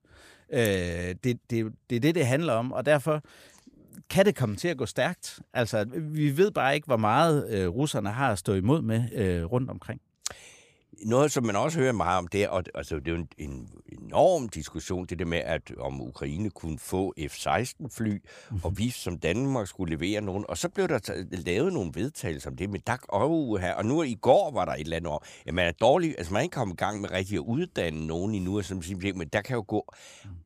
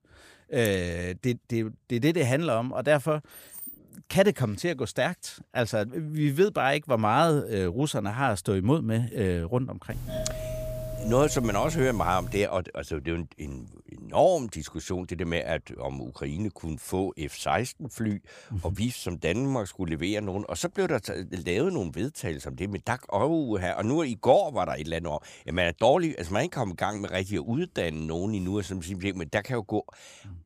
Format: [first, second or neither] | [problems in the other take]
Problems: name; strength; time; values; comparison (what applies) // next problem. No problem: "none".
first | jangling keys; faint; at 3.5 s; peak 10 dB below the speech // doorbell; noticeable; from 10 to 12 s; peak 6 dB below the speech